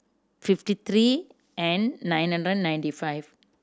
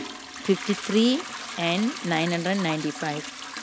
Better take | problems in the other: first | background sound (Trickle, dribble / Toilet flush / Hiss); 10 dB below the speech

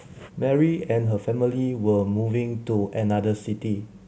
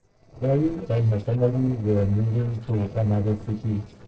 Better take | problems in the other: first | noise reduction (neural separator model SepFormer DNS4)

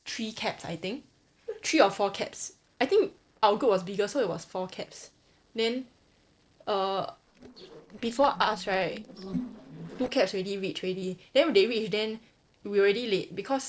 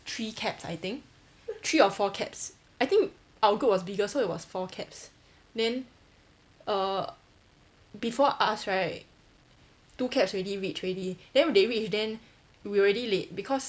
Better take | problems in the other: second | noise reduction (neural separator model SepFormer DNS4)

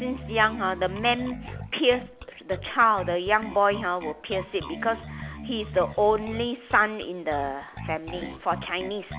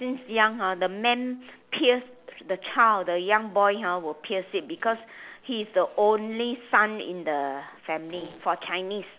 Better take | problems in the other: second | background sound (Bass guitar); 12 dB below the speech

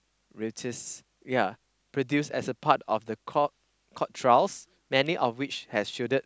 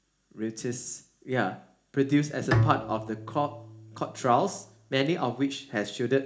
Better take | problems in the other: first | background sound (Bowed string instrument); 4 dB below the speech // room echo; dies away in 0.4 s

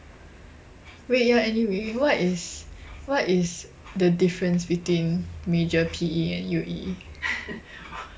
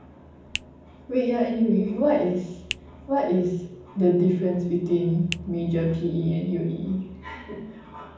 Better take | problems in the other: first | background sound (Finger snapping); 13 dB below the speech // room echo; dies away in 1.2 s

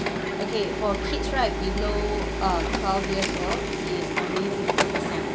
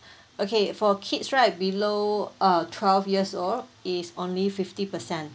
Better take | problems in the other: second | background sound (Printer); 3 dB above the speech

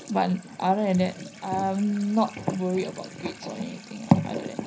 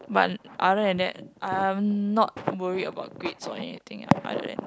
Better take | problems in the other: second | background sound (Sink (filling or washing) / Water tap, faucet); 19 dB below the speech // room echo; dies away in 0.4 s

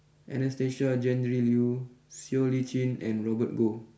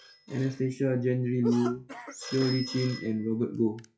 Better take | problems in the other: first | noise reduction (classical method log-MMSE)

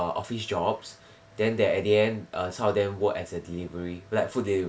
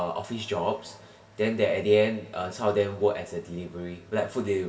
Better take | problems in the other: first | room echo; dies away in 1.3 s

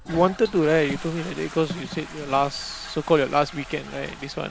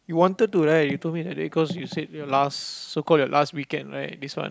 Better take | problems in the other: second | background sound (Toilet flush); 15 dB below the speech

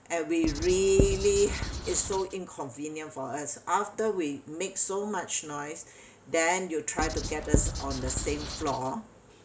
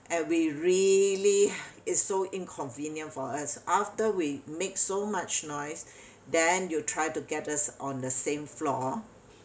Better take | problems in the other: second | background sound (Writing); 2 dB below the speech

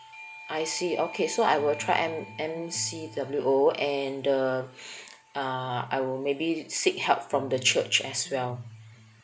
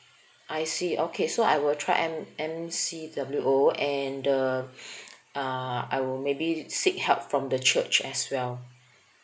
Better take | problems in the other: second | background sound (Electric guitar + Doorbell); 19 dB below the speech

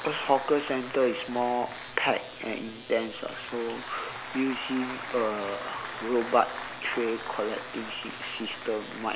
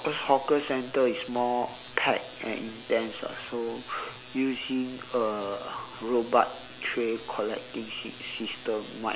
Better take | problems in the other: second | background sound (Applause); 11 dB below the speech

